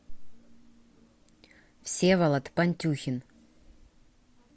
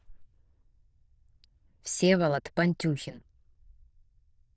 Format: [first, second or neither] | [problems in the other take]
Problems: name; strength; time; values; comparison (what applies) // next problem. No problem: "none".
first | noise reduction (neural diffusion model UNIVERSE++)